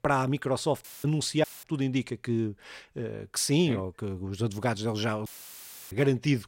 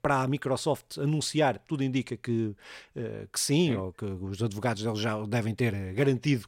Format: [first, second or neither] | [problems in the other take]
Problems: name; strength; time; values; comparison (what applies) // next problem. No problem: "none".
second | audio cutting out; filled with static; at 1 s, at 1.5 s and at 5.5 s for 0.5 s